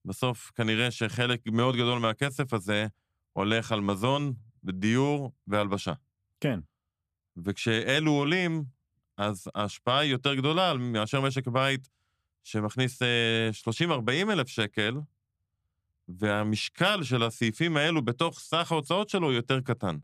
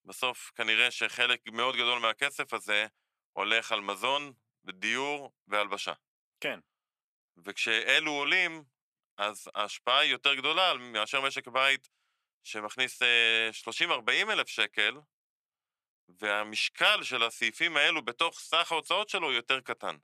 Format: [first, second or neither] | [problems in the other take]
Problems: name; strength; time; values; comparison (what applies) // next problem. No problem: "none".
first | thin; very; fading below 600 Hz